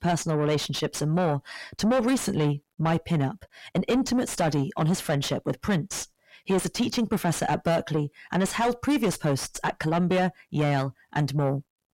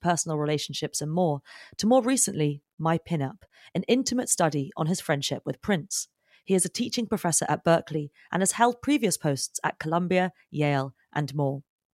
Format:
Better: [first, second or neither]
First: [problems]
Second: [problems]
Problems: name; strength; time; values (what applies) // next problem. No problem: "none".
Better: second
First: distortion; heavy; 5 dB below the speech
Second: none